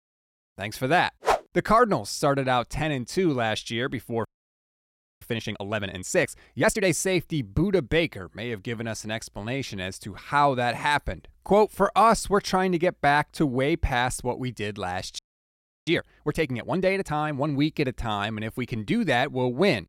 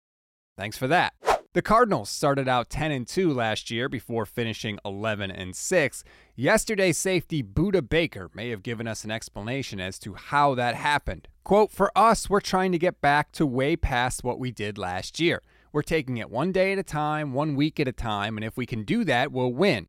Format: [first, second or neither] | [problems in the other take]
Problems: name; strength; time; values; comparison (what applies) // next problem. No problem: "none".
second | audio freezing; at 4.5 s for 1 s and at 15 s for 0.5 s